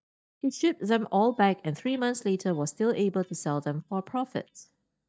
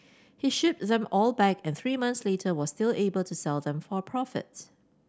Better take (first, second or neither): second